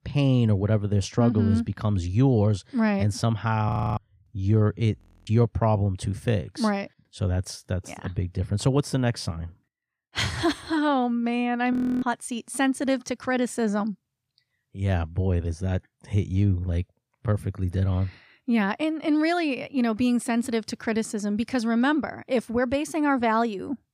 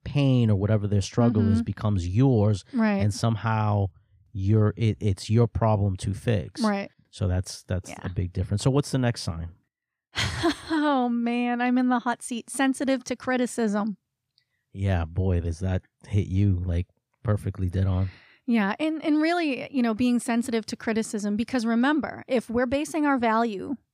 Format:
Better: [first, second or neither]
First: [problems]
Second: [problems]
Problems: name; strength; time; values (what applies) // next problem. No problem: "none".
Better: second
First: audio freezing; at 3.5 s, at 5 s and at 12 s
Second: none